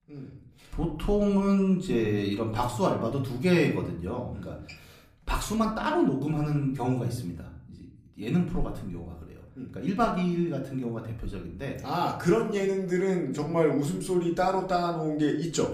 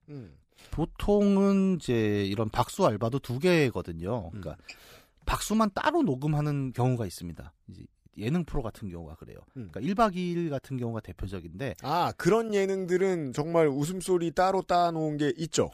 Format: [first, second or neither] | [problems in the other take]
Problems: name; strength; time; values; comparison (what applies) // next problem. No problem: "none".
second | room echo; slight; dies away in 0.5 s // off-mic speech; somewhat distant